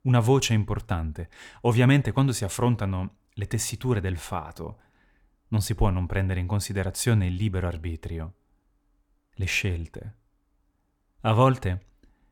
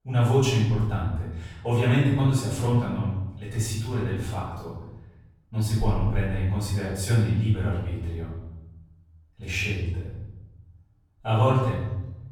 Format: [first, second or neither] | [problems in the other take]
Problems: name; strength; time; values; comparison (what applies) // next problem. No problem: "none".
first | off-mic speech; far // room echo; noticeable; dies away in 1 s